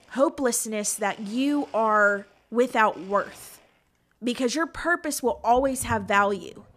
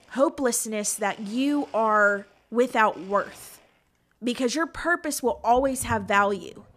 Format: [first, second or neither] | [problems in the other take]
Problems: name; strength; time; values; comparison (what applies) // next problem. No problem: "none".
neither | household noises; faint; throughout; 25 dB below the speech; the same in both